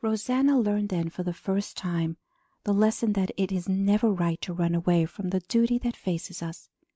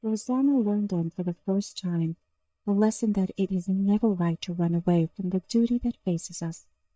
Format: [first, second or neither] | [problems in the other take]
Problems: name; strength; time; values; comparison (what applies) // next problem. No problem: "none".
first | noise reduction (neural mask model DeepFilterNet 3)